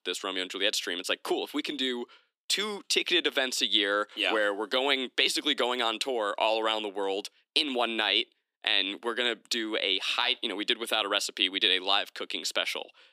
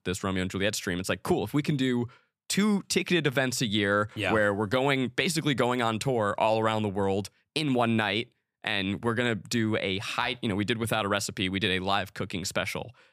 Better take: second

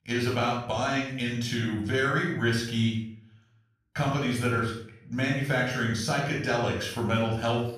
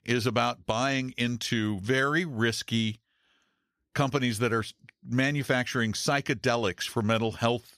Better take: second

